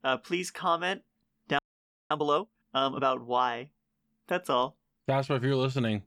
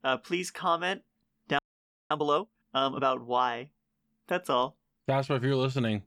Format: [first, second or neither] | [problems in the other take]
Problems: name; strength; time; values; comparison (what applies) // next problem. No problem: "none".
neither | audio freezing; at 1.5 s for 0.5 s; the same in both